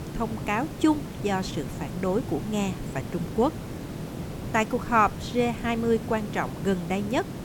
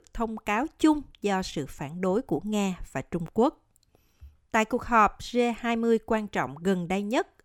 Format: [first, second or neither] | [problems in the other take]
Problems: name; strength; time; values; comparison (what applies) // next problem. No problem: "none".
second | hiss; loud; throughout; 8 dB below the speech